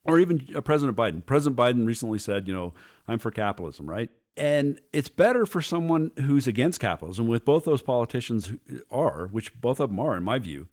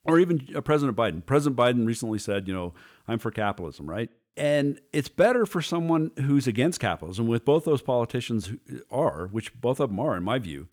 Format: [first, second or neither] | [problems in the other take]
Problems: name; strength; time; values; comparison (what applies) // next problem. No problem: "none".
second | garbled, watery; slightly